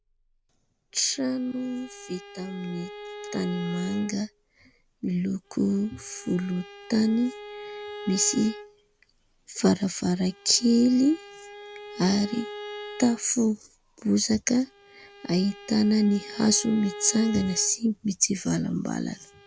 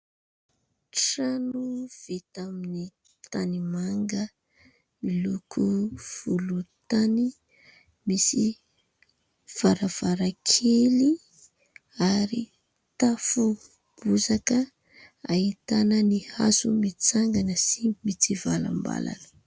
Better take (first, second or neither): second